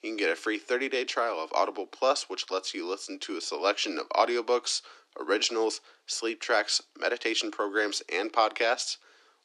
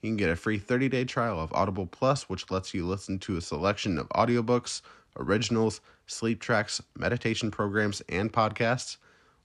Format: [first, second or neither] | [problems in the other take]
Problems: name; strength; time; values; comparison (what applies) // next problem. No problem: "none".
second | thin; very; fading below 300 Hz